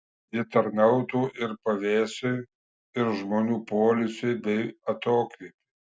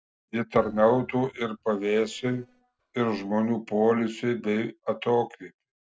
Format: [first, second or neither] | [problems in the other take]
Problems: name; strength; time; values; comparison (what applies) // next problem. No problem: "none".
first | noise reduction (neural separator model SepFormer DNS4)